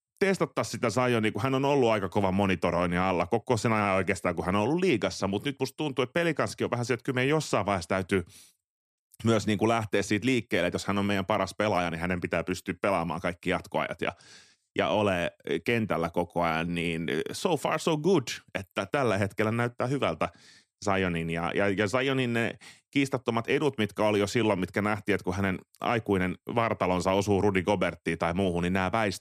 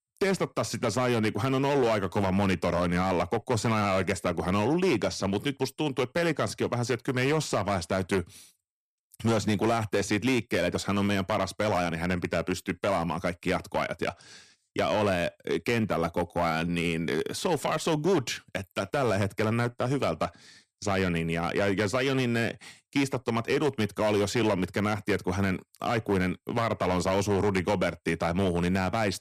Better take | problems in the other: first | distortion; slight; 7% of the sound clipped

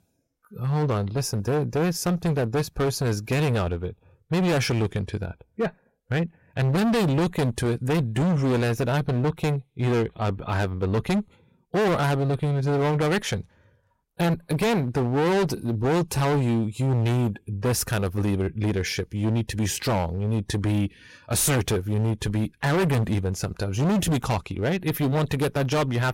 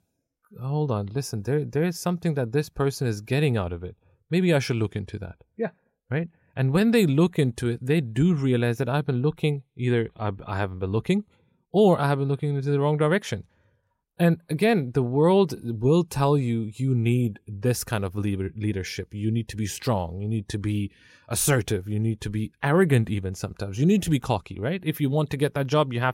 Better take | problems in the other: second | distortion; heavy; 22% of the sound clipped

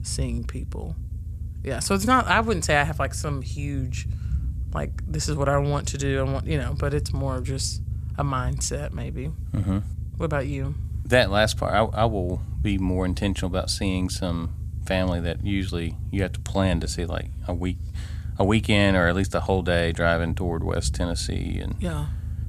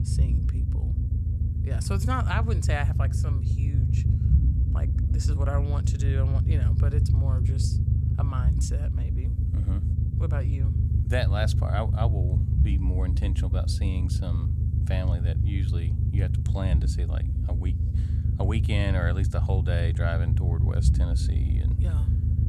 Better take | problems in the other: first | low rumble; loud; throughout; 4 dB below the speech; faint in the first

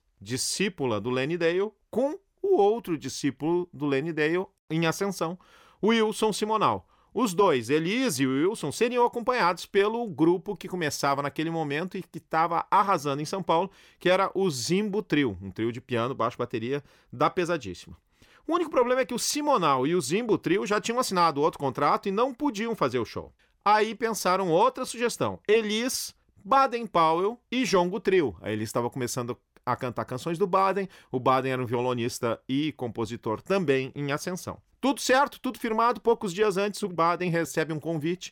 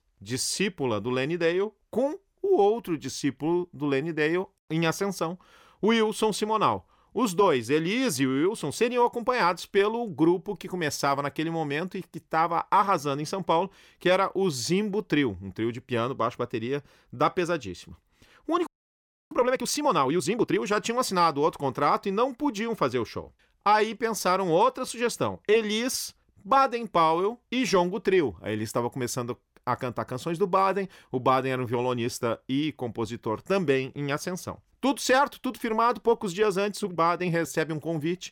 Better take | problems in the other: first | audio freezing; at 19 s for 0.5 s

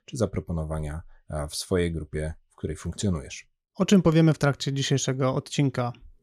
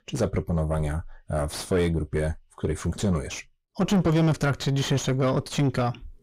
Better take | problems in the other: first | distortion; heavy; 4 dB below the speech

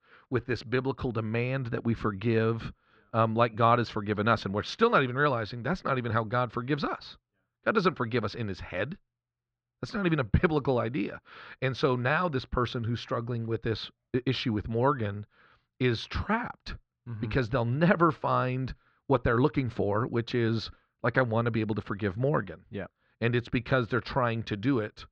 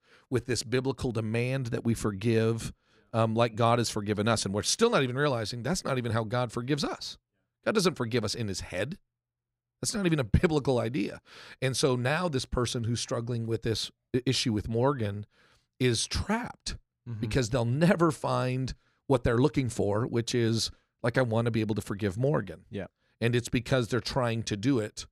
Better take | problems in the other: second | muffled; slightly; fading above 3.5 kHz

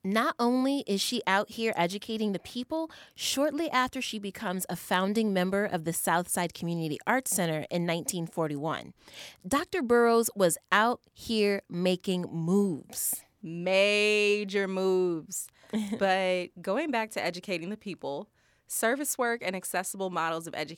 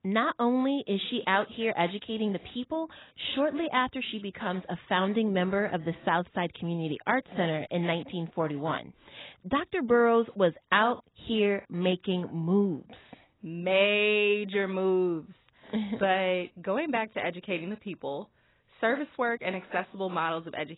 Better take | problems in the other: first | garbled, watery; badly; nothing above 4 kHz

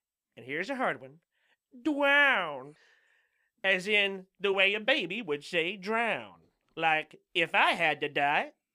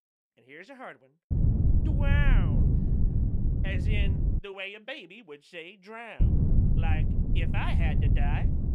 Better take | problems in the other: first | wind noise on the microphone; heavy; from 1.5 to 4.5 s and from 6 s on; 2 dB below the speech

